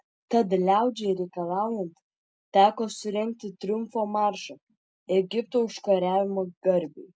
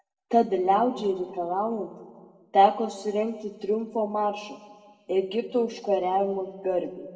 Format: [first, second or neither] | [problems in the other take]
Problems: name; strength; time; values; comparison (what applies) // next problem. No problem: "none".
first | room echo; dies away in 1.3 s